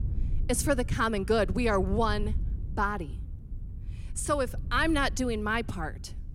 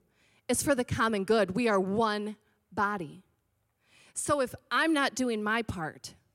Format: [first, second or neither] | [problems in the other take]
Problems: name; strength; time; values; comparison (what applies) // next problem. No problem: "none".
second | wind noise on the microphone; occasional gusts; 25 dB below the speech